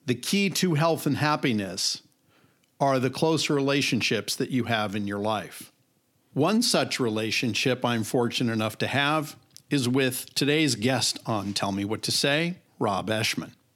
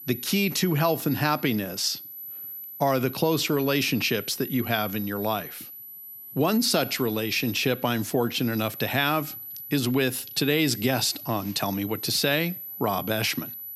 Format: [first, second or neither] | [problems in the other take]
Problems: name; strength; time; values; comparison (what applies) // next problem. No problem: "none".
first | high-pitched whine; noticeable; throughout; 12 kHz, 10 dB below the speech